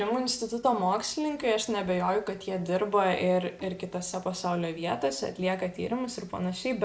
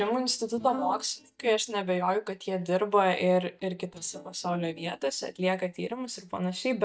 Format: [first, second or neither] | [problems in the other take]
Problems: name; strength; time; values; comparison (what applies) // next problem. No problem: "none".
first | noise reduction (neural mask model DeepFilterNet 3)